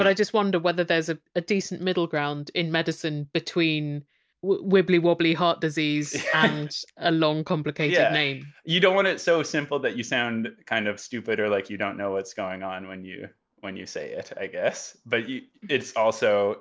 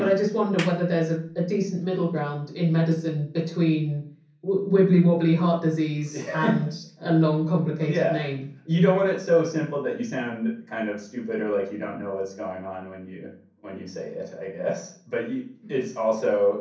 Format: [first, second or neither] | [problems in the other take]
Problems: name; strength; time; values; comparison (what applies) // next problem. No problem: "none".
first | background sound (Clapping); 15 dB below the speech // room echo; dies away in 0.6 s